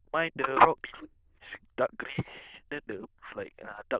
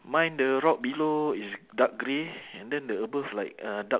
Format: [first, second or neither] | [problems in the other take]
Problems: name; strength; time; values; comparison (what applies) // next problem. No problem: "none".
second | noise reduction (neural diffusion model UNIVERSE++)